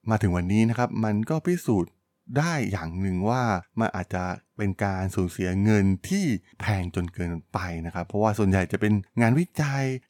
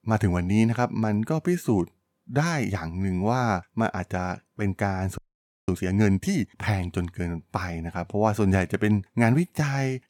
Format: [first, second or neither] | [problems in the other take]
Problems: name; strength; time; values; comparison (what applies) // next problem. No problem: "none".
first | audio freezing; at 5 s for 0.5 s